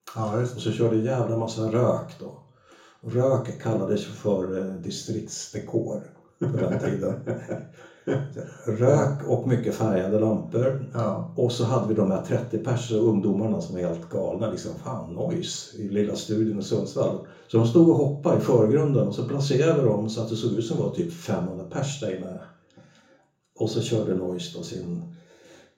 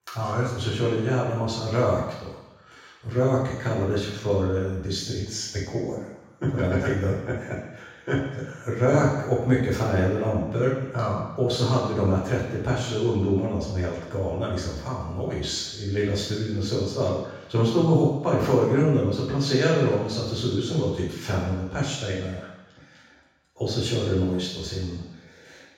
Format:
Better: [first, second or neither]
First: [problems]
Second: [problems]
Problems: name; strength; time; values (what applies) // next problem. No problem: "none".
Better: first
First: room echo; slight; dies away in 0.6 s // off-mic speech; far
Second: room echo; strong; dies away in 1.1 s // off-mic speech; far